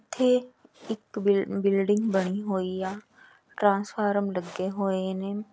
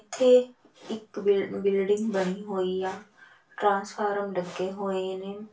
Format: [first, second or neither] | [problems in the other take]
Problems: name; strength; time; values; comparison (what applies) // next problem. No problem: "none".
first | room echo; dies away in 0.3 s